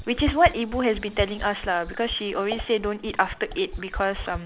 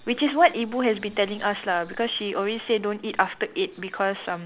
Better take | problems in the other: second | background sound (Fill (with liquid)); 10 dB below the speech

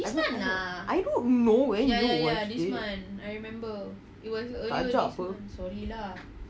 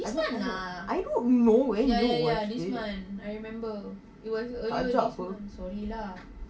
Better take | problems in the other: first | room echo; dies away in 0.2 s

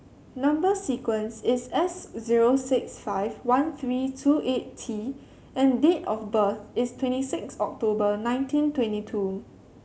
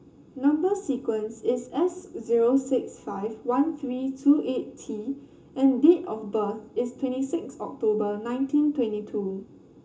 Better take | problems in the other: first | room echo; dies away in 0.2 s

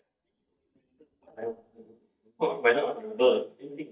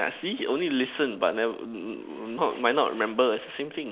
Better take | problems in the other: second | noise reduction (neural mask model DeepFilterNet 3)

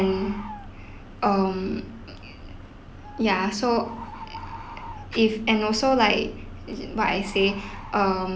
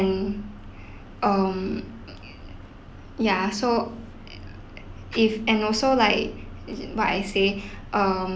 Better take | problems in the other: second | background sound (Bird); 19 dB below the speech

